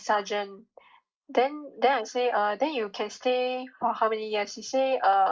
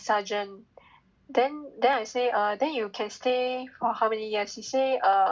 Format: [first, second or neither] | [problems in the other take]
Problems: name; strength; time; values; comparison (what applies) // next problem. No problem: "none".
second | noise reduction (neural mask model Resemble Enhance denoiser)